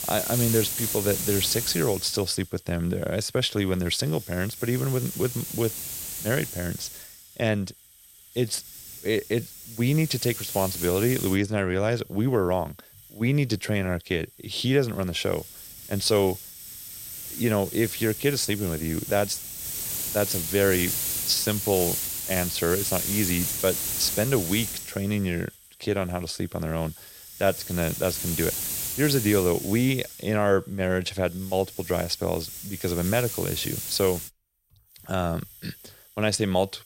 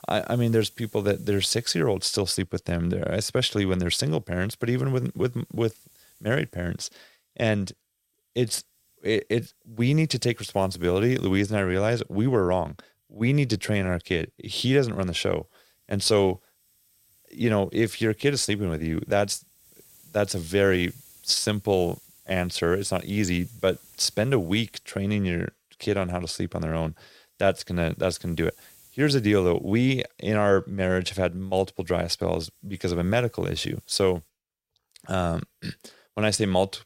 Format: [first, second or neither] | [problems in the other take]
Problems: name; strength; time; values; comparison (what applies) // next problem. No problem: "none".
second | hiss; loud; throughout; 4 dB below the speech; faint in the second